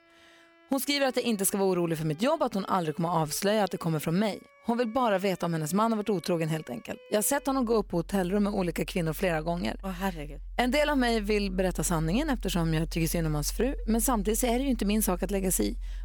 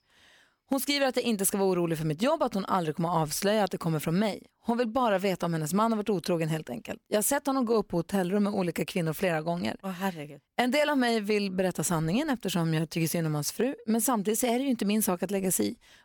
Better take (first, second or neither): second